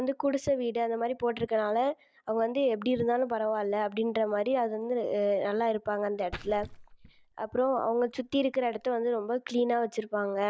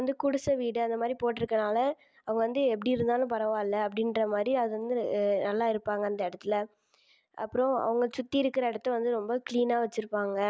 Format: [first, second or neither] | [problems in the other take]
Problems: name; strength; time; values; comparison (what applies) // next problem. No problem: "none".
second | noise reduction (neural mask model DeepFilterNet 3)